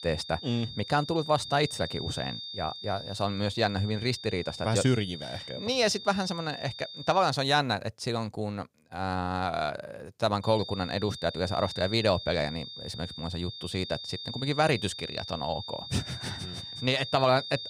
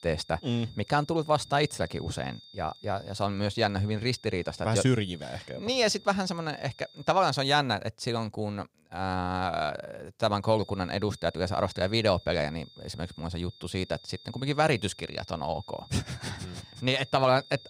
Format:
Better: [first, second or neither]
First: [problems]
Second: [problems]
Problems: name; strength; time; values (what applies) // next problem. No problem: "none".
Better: second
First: high-pitched whine; loud; until 7.5 s and from 10 s on; 3.5 kHz, 9 dB below the speech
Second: high-pitched whine; faint; until 7.5 s and from 10 s on; 3.5 kHz, 20 dB below the speech